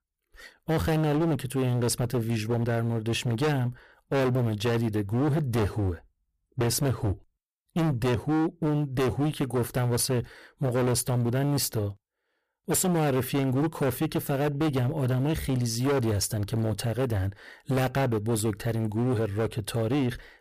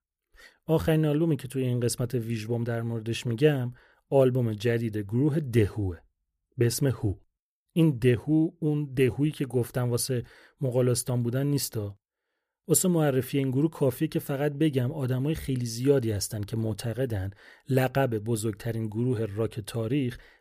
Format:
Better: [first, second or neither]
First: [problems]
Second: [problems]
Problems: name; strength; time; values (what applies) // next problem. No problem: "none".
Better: second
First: distortion; heavy; 21% of the sound clipped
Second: none